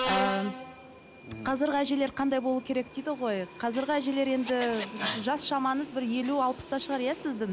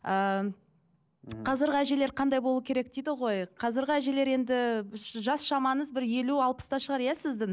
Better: second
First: background sound (Subway, metro, underground + Scratching (performance technique)); 10 dB below the speech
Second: none

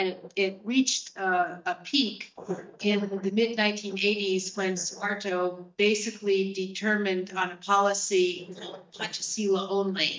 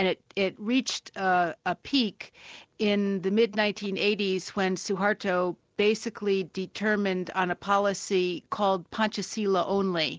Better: second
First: noise reduction (neural mask model DeepFilterNet 3)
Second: none

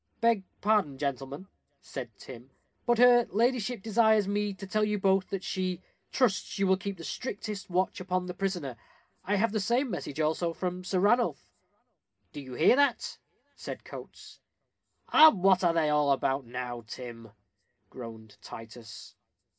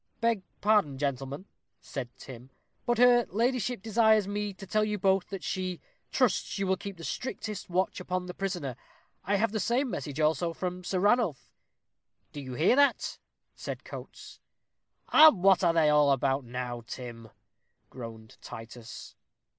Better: second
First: room echo; dies away in 0.3 s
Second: none

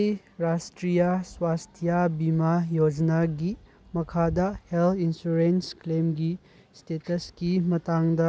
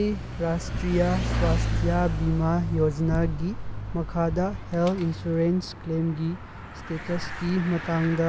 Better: first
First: none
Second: background sound (Mechanisms / Bicycle); 4 dB below the speech

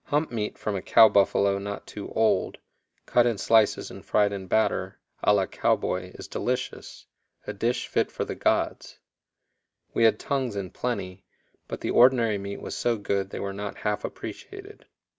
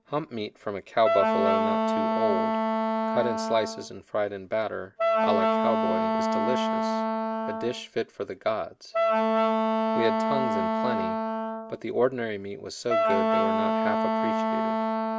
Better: first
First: none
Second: background sound (Wind instrument, woodwind instrument); 4 dB above the speech

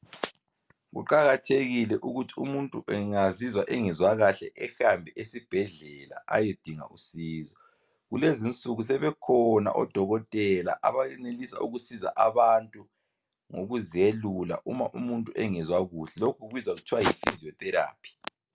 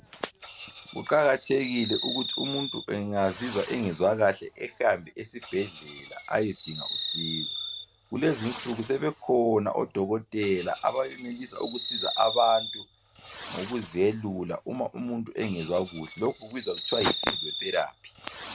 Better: first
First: none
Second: background sound (Fireworks); 8 dB below the speech

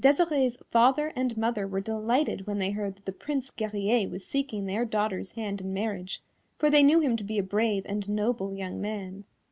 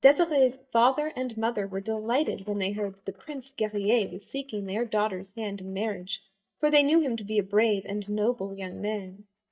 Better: first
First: none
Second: noise reduction (neural mask model DeepFilterNet 3)

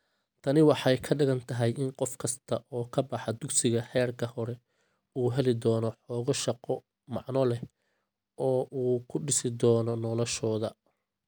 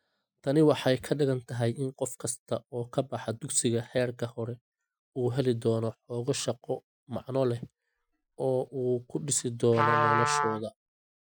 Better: first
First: none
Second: noise reduction (classical method Wiener filter)

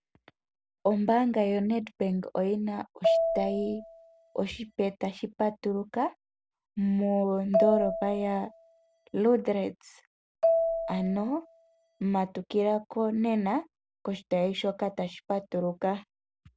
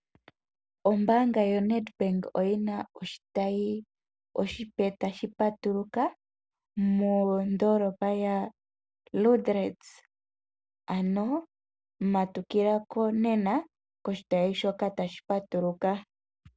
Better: second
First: background sound (Marimba, xylophone); 2 dB below the speech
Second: none

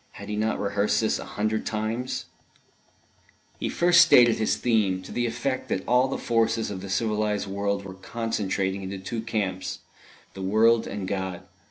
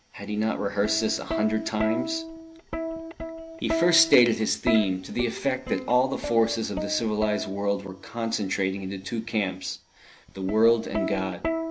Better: first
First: none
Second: background sound (Plucked string instrument); 7 dB below the speech

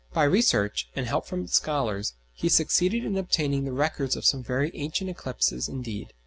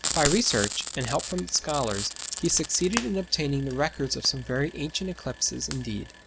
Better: first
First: none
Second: background sound (Frying (food)); 7 dB below the speech

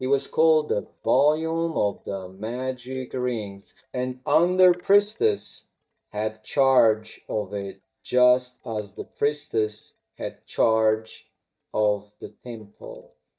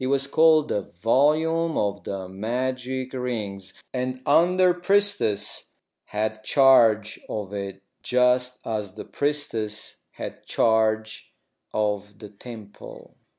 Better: second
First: noise reduction (neural mask model DeepFilterNet 3)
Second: none

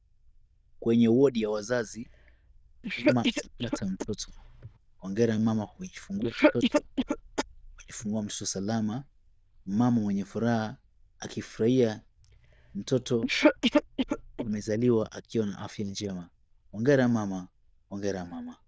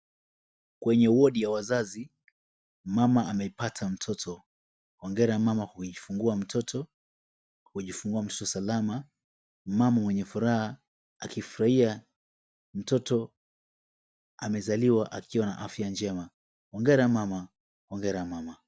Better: second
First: noise reduction (neural diffusion model UNIVERSE++)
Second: none

